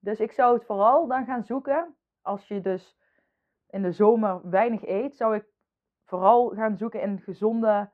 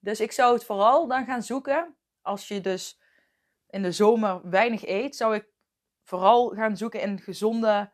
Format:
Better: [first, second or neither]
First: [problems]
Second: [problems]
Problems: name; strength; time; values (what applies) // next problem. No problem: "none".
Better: second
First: muffled; very; fading above 3 kHz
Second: none